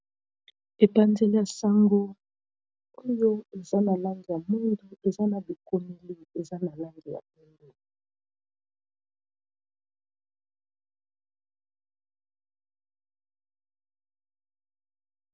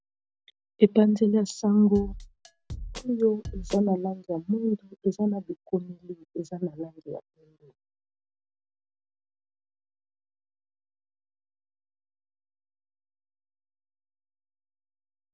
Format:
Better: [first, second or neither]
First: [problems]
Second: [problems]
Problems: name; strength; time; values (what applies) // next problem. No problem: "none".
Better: first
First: none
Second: background sound (Drum kit); 9 dB below the speech